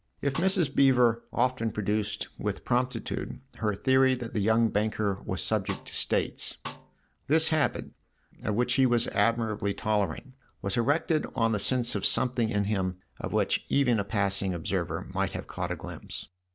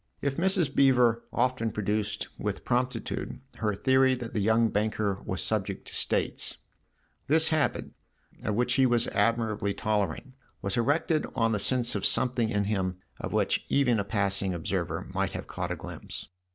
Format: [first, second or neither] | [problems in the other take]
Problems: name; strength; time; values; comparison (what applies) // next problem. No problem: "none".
second | background sound (Snare drum); 16 dB below the speech